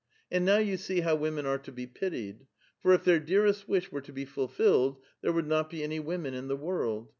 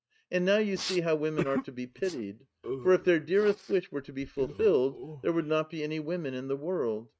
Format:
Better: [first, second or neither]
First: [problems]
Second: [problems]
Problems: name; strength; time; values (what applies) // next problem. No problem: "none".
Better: first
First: none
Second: noise reduction (neural mask model RNNoise)